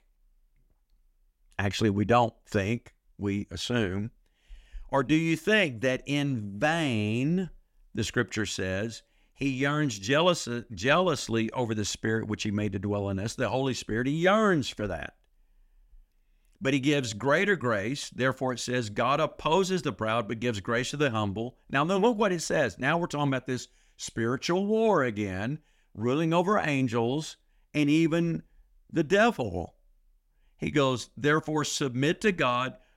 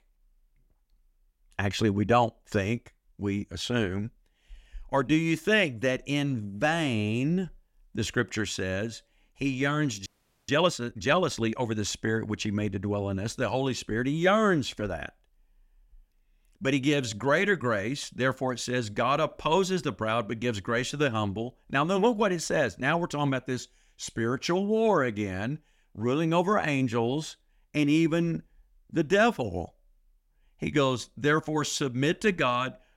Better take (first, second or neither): first